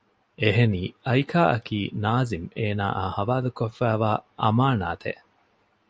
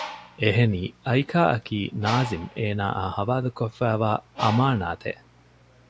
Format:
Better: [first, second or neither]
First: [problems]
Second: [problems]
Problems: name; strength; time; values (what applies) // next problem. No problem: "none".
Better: first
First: none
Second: background sound (Bird); 15 dB below the speech